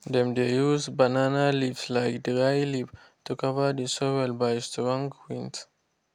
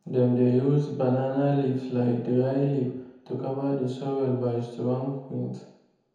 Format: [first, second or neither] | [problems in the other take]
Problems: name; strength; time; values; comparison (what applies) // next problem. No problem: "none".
first | room echo; dies away in 1 s